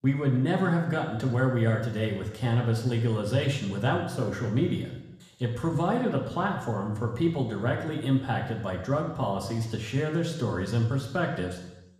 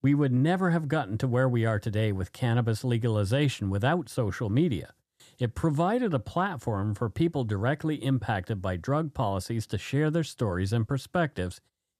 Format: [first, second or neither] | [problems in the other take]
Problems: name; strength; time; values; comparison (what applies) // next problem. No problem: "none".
second | room echo; noticeable; dies away in 0.9 s // off-mic speech; somewhat distant